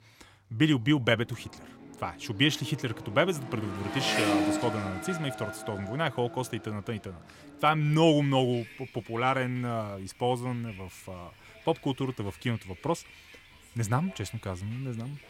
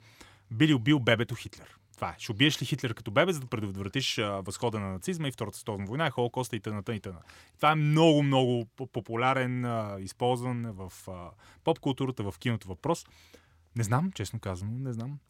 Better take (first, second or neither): second